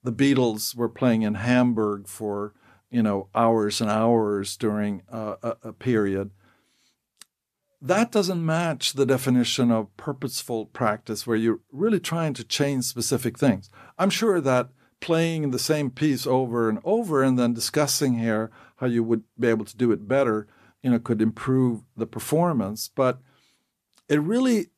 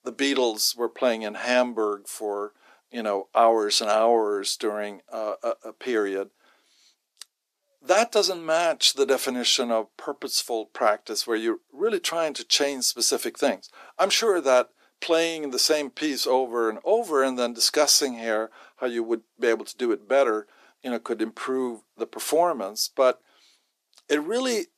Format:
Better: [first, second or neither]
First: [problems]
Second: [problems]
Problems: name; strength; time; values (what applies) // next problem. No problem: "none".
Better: first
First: none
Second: thin; somewhat; fading below 350 Hz